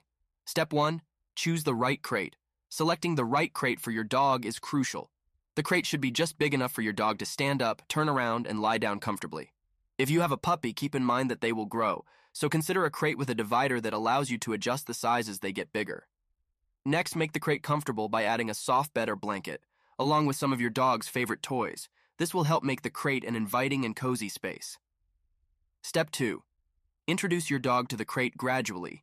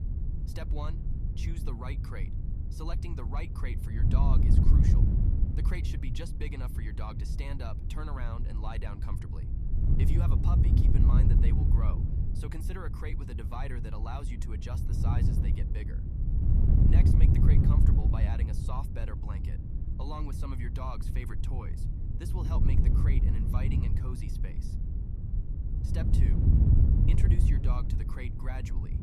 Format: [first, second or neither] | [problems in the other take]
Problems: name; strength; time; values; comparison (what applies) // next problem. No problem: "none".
first | wind noise on the microphone; heavy; 1 dB above the speech